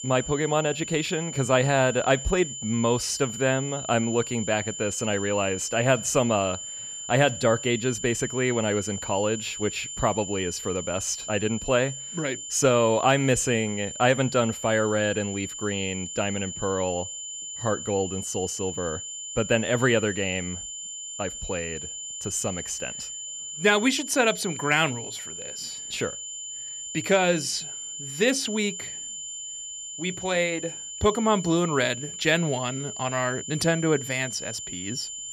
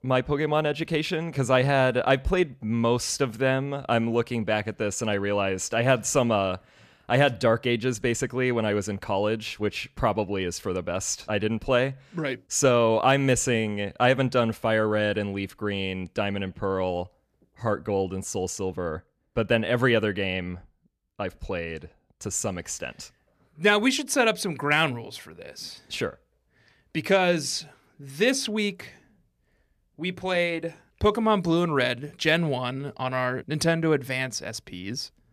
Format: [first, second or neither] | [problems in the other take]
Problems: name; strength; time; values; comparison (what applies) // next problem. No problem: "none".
second | high-pitched whine; loud; throughout; 7 kHz, 8 dB below the speech